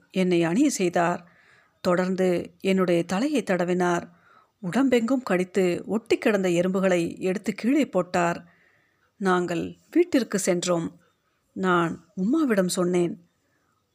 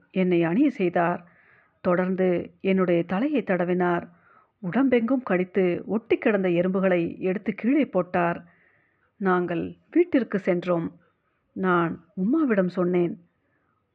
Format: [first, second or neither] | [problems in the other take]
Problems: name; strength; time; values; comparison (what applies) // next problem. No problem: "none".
first | muffled; very; fading above 2.5 kHz